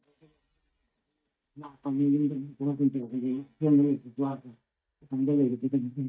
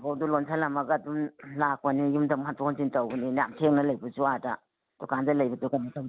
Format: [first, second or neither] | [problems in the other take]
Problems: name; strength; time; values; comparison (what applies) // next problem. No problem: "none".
second | noise reduction (neural mask model DeepFilterNet 3)